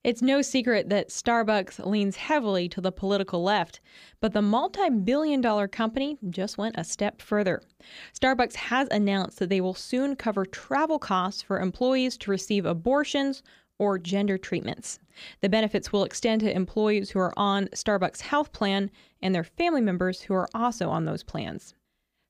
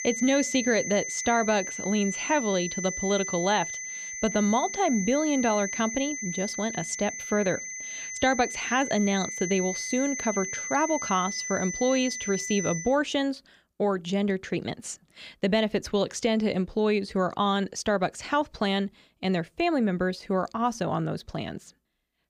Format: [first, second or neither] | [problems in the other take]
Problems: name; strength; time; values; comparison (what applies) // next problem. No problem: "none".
first | high-pitched whine; loud; until 13 s; 6 kHz, 5 dB below the speech